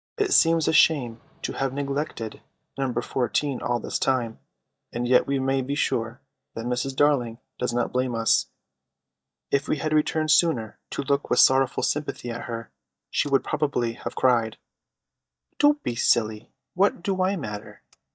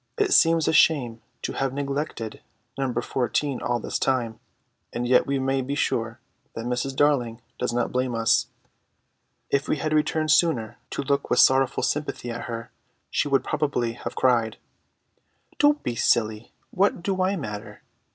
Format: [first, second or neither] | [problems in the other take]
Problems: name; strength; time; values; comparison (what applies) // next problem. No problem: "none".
second | noise reduction (neural mask model DeepFilterNet 3)